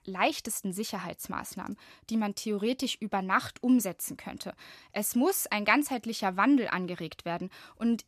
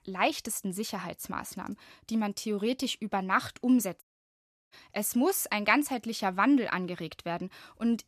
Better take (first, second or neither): first